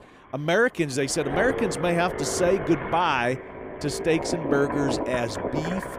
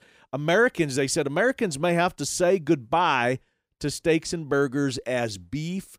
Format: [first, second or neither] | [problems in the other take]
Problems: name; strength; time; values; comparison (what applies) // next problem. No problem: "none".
second | low rumble; loud; throughout; 6 dB below the speech